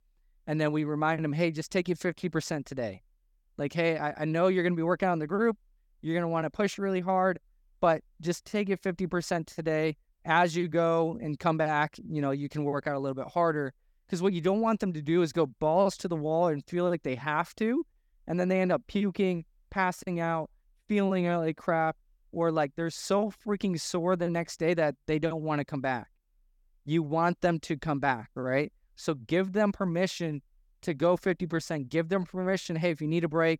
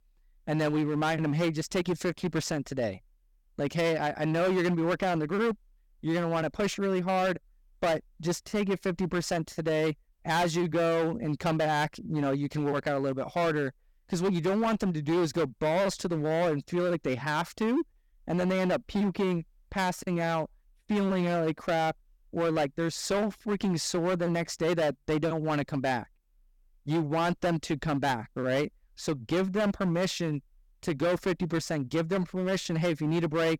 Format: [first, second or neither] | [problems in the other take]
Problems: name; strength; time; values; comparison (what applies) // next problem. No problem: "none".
first | distortion; heavy; 15% of the sound clipped